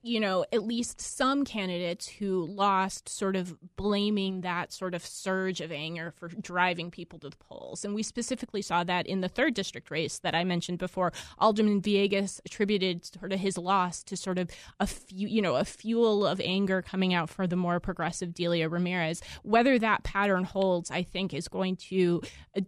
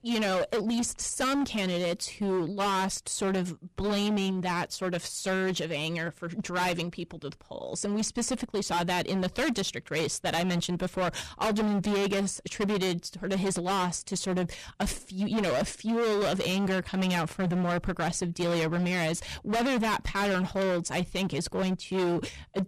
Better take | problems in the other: first | distortion; heavy; 23% of the sound clipped

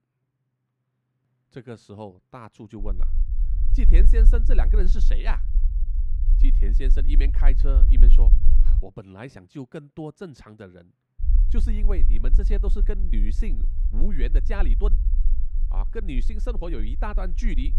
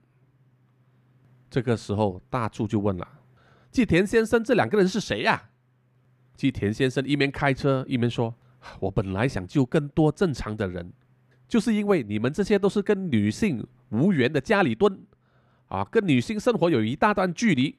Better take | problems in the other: second | low rumble; loud; from 3 to 9 s and from 11 s on; 10 dB below the speech

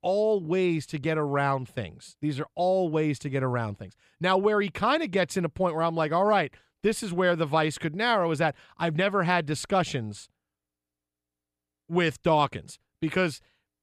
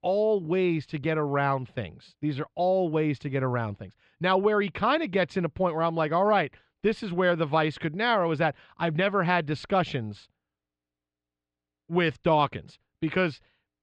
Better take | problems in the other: first | muffled; very slightly; fading above 4 kHz

